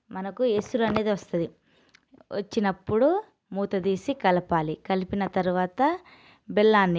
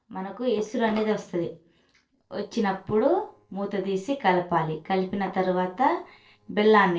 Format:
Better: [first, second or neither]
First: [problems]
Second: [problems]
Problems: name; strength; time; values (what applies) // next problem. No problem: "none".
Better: first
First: none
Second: noise reduction (neural separator model SepFormer DNS4)